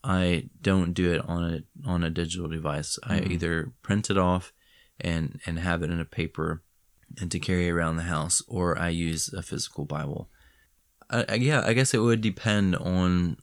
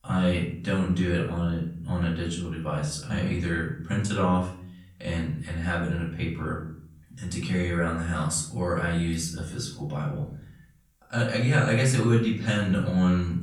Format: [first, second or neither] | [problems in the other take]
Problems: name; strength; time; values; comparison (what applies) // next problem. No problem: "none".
first | off-mic speech; far // room echo; noticeable; dies away in 0.6 s